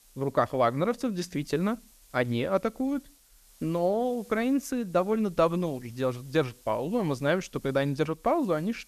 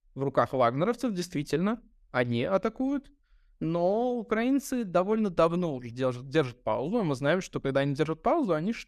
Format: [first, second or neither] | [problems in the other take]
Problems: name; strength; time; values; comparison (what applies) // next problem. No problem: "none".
second | hiss; faint; throughout; 25 dB below the speech